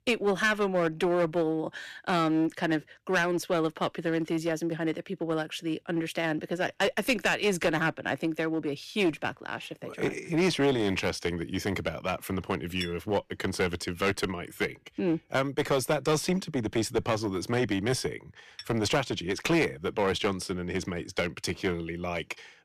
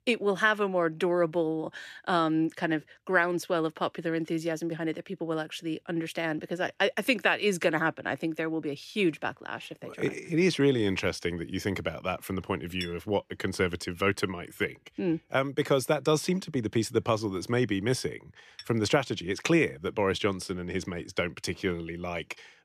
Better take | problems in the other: second | distortion; slight; 6% of the sound clipped

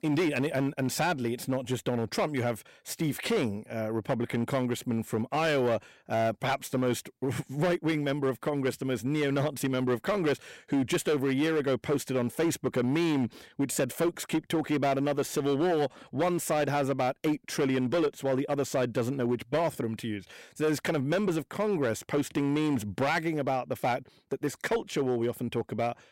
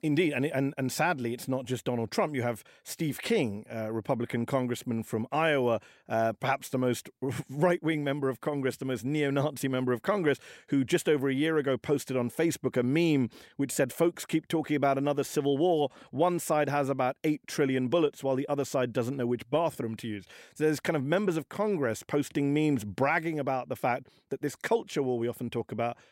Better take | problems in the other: second | distortion; slight; 11% of the sound clipped

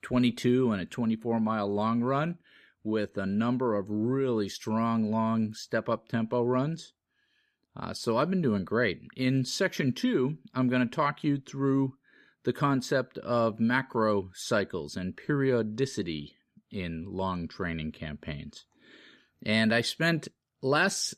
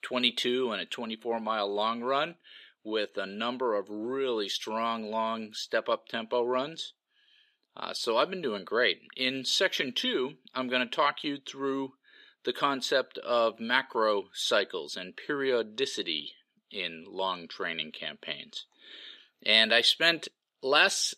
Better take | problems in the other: first | thin; somewhat; fading below 500 Hz

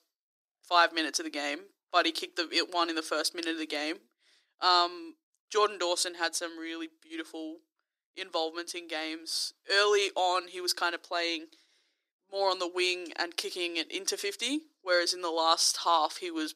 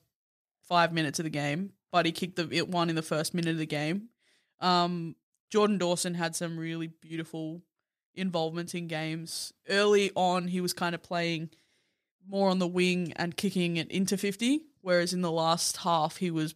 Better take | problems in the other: second | thin; very; fading below 300 Hz

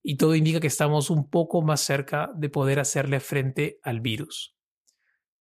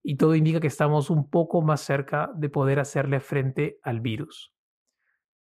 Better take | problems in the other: first | muffled; slightly; fading above 3 kHz

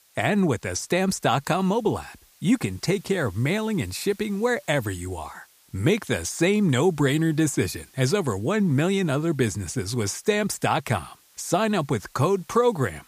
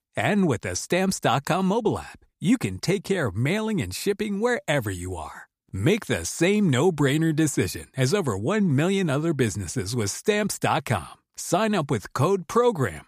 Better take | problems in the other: second | hiss; faint; throughout; 30 dB below the speech

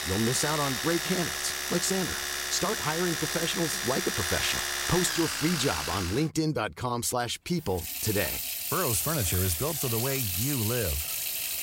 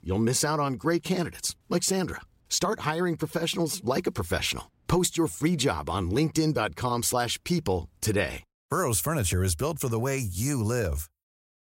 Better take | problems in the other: second | household noises; very loud; throughout; as loud as the speech

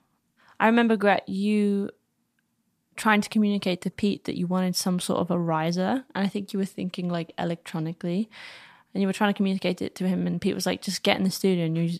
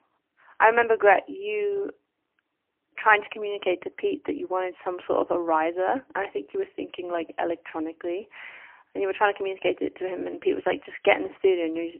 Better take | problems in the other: first | phone-call audio; poor line; nothing above 3 kHz

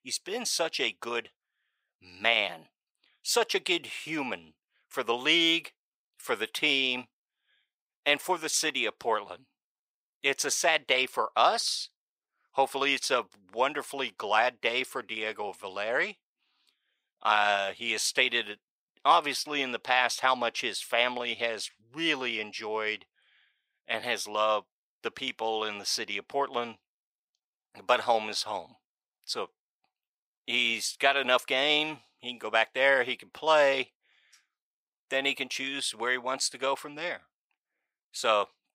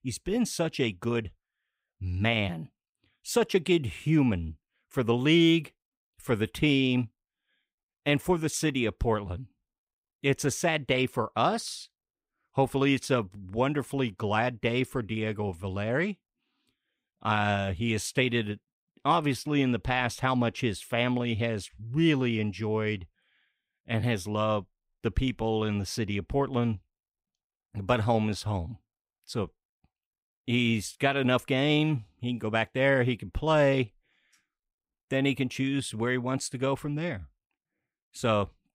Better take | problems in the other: second | thin; very; fading below 700 Hz

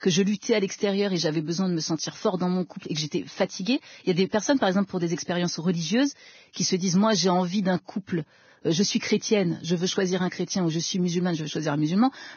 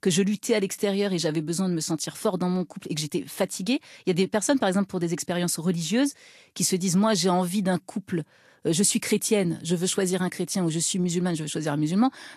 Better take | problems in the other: second | garbled, watery; badly; nothing above 6.5 kHz; slightly in the second

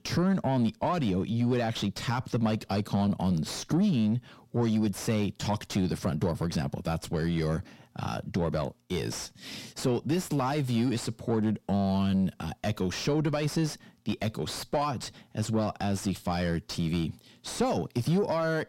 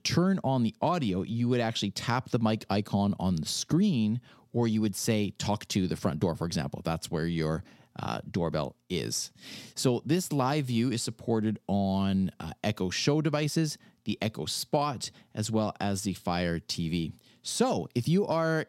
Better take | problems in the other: second | distortion; slight; 10 dB below the speech

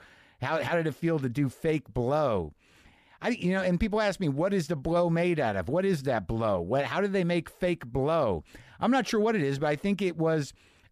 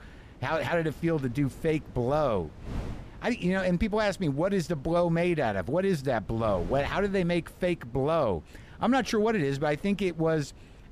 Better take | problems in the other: first | wind noise on the microphone; occasional gusts; 25 dB below the speech

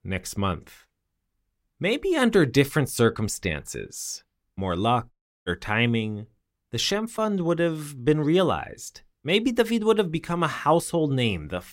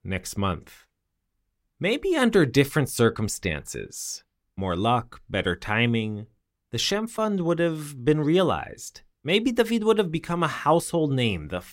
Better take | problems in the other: second | audio cutting out; at 5 s

